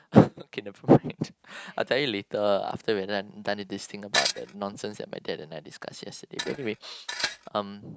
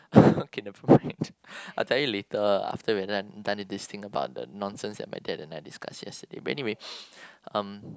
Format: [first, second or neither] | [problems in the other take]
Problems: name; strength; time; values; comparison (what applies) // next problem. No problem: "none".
second | noise reduction (neural mask model RNNoise)